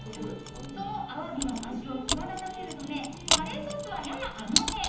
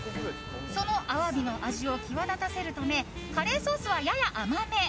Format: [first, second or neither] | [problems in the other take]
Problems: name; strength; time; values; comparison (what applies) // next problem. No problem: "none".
second | background sound (Mechanisms); 1 dB above the speech // room echo; dies away in 1.3 s